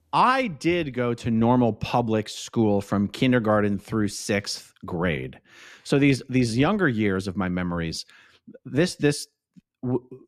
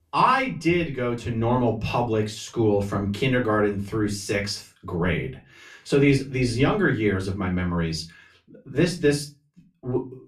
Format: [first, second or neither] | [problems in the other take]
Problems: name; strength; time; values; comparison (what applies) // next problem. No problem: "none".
first | off-mic speech; far // room echo; very slight; dies away in 0.2 s